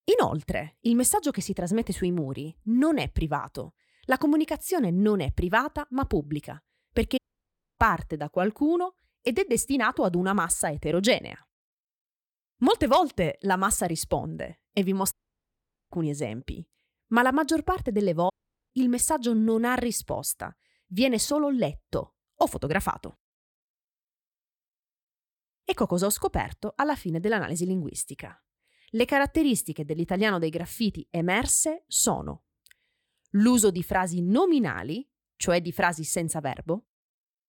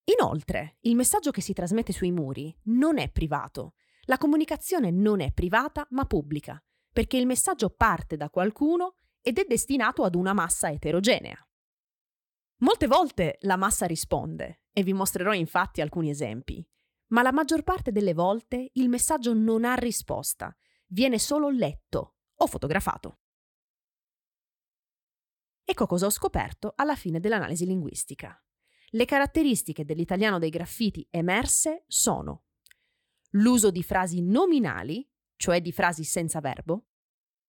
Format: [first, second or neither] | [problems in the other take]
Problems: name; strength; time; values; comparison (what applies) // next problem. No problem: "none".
second | audio cutting out; at 7 s for 0.5 s, at 15 s for 1 s and at 18 s